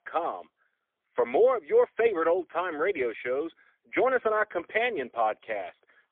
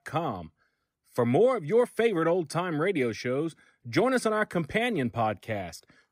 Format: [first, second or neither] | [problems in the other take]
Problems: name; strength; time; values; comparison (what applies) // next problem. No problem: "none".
second | phone-call audio; poor line; nothing above 3.5 kHz